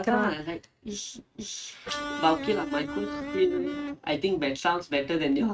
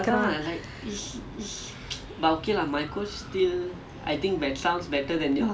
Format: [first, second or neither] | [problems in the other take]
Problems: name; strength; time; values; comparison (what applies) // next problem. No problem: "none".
second | noise reduction (neural mask model RNNoise)